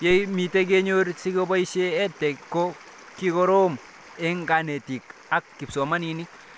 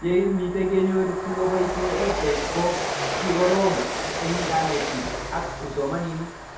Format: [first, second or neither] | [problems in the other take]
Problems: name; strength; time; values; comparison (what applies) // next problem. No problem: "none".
first | background sound (Train); 4 dB below the speech // room echo; dies away in 0.8 s